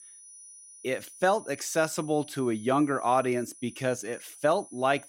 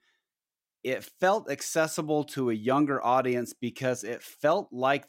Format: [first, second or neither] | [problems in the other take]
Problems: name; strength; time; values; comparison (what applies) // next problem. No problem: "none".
second | high-pitched whine; noticeable; throughout; 9.5 kHz, 20 dB below the speech